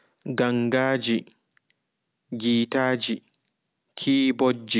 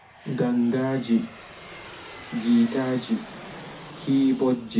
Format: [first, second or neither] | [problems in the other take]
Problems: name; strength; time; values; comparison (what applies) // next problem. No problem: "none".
first | background sound (Aircraft); 17 dB below the speech // room echo; dies away in 0.3 s